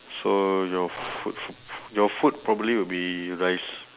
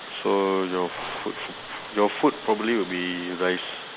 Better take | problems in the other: first | background sound (Water); 13 dB below the speech

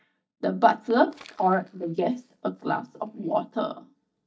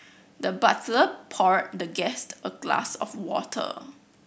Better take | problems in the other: second | noise reduction (neural mask model DeepFilterNet 3)

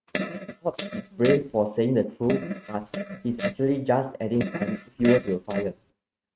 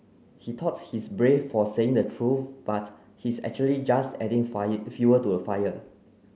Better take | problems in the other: second | noise reduction (neural mask model RNNoise)

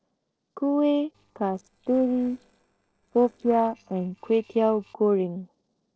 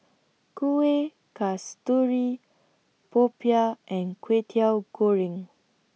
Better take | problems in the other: second | noise reduction (neural separator model SepFormer DNS4)

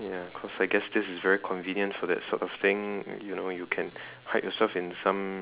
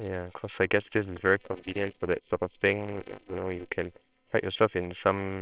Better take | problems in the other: first | noise reduction (neural separator model SepFormer WHAMR!)

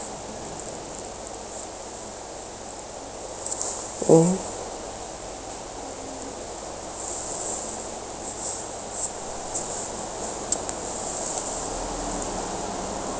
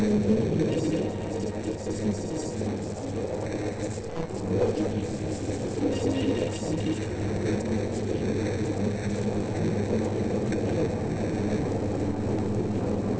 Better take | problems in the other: first | noise reduction (neural separator model SepFormer DNS4)

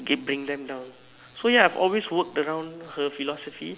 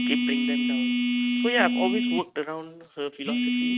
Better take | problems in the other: first | noise reduction (neural mask model RNNoise)

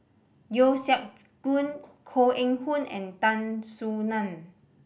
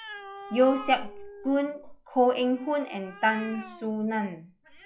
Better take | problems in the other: first | noise reduction (classical method log-MMSE)

